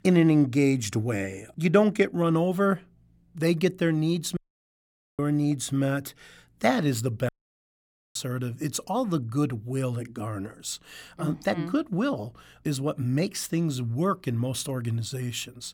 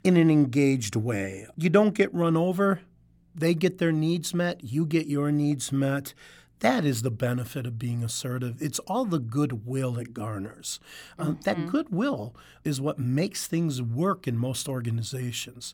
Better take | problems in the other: second | audio cutting out; at 4.5 s for 1 s and at 7.5 s for 1 s

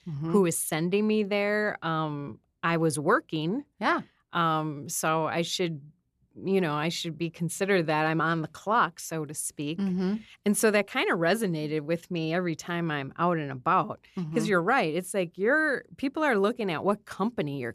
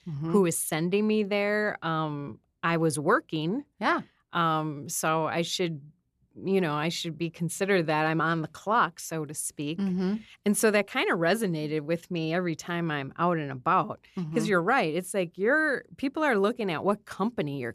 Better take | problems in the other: neither | none

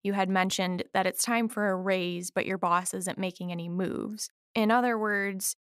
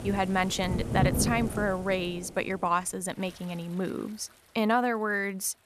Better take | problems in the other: first | rain or running water; loud; throughout; 4 dB below the speech

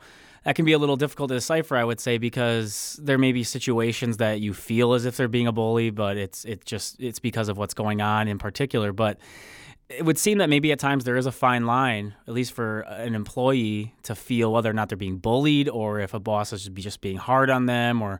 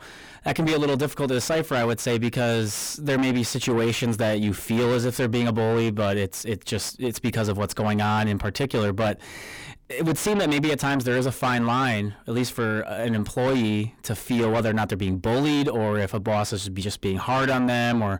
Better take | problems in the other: first | distortion; heavy; 6 dB below the speech

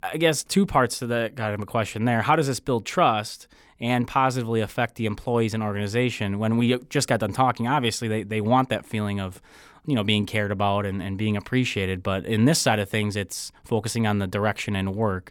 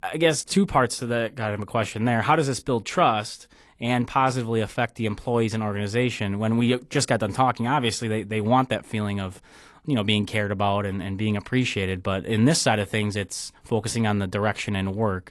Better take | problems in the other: first | garbled, watery; slightly; nothing above 11 kHz

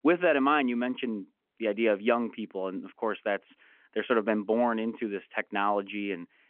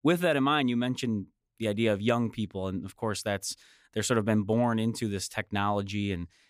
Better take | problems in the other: second | phone-call audio

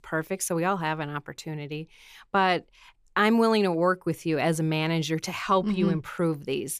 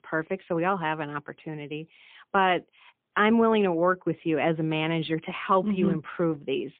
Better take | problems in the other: first | phone-call audio; poor line

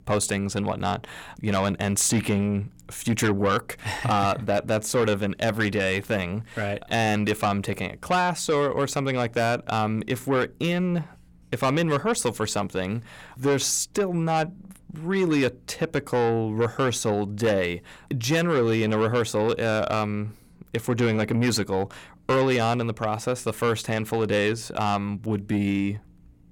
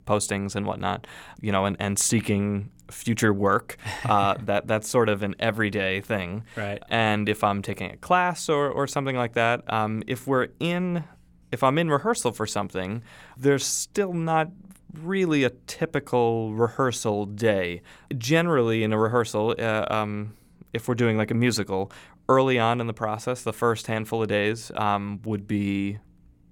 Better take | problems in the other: second | distortion; slight; 10 dB below the speech

